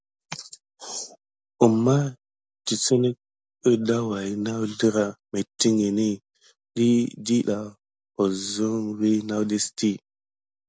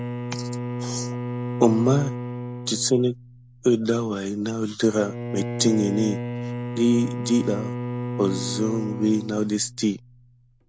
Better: first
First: none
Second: background sound (Bowed string instrument); 7 dB below the speech

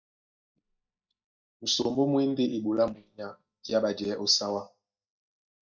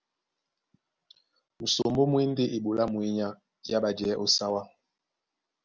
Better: second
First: noise reduction (neural mask model DeepFilterNet 3)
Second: none

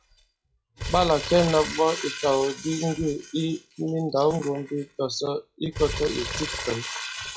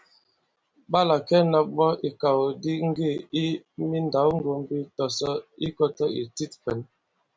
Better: second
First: noise reduction (classical method log-MMSE)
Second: none

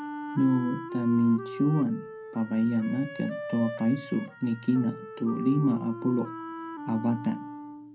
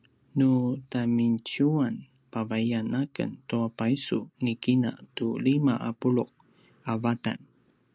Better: second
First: background sound (Wind instrument, woodwind instrument); 11 dB below the speech // room echo; dies away in 0.3 s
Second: none

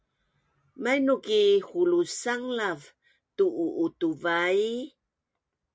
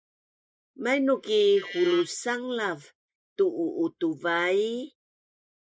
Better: first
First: none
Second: noise reduction (neural mask model Resemble Enhance denoiser)

